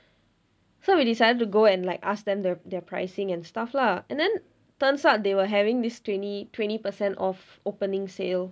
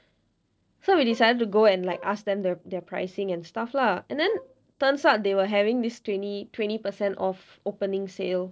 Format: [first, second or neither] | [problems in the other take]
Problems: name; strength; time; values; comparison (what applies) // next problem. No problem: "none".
first | noise reduction (neural separator model SepFormer DNS4)